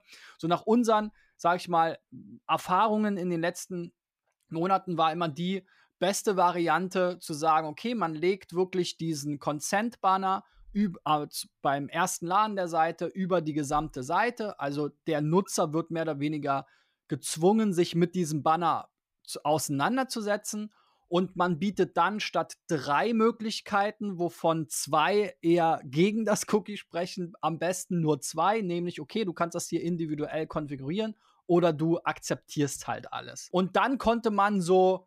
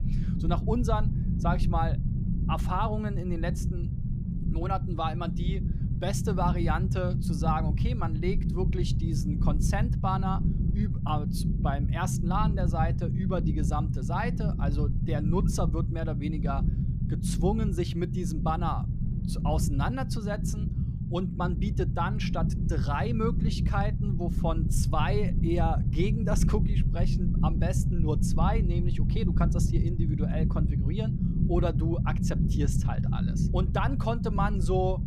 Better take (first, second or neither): first